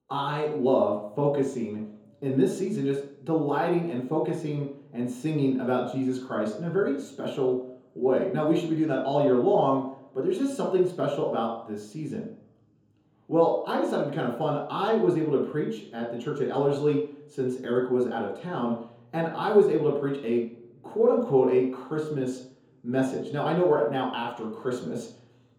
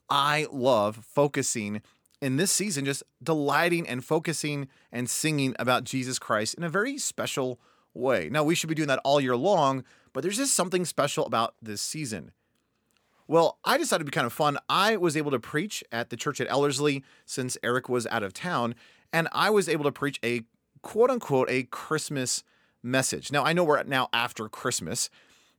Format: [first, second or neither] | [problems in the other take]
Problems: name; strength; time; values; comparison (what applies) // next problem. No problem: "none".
second | room echo; noticeable; dies away in 1.7 s // off-mic speech; far